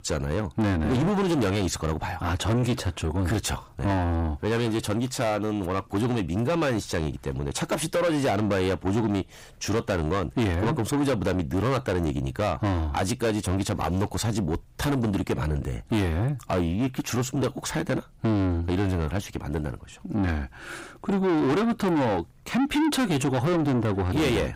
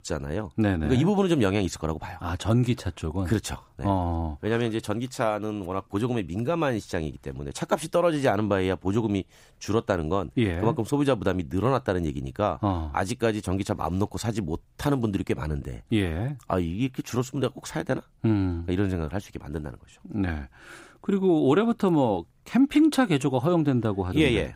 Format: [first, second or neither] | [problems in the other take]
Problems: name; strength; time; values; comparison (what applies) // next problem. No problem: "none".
second | distortion; heavy; 6 dB below the speech